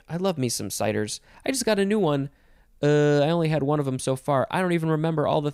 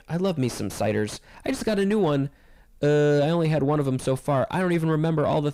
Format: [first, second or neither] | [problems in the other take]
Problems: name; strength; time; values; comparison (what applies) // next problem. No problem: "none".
first | distortion; slight; 10 dB below the speech